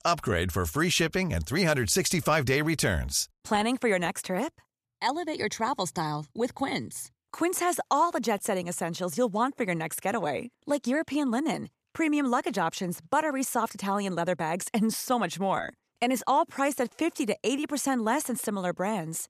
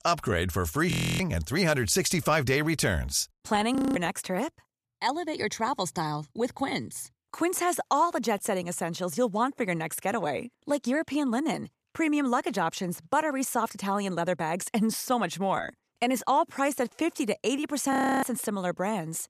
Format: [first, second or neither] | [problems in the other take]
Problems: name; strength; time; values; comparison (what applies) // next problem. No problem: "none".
first | audio freezing; at 1 s, at 4 s and at 18 s